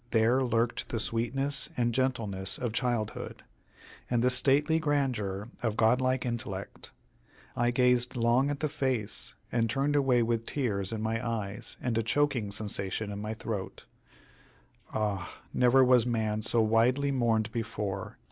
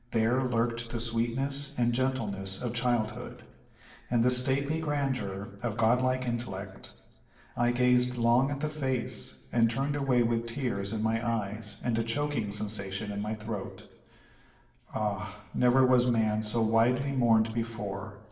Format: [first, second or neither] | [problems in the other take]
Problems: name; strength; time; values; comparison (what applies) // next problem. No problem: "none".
first | room echo; dies away in 0.9 s